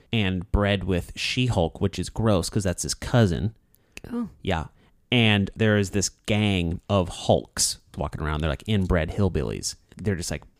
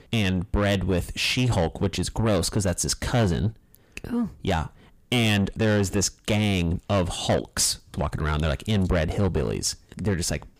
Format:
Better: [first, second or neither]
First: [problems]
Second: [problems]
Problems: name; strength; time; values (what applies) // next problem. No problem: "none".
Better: first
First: none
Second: distortion; heavy; 8 dB below the speech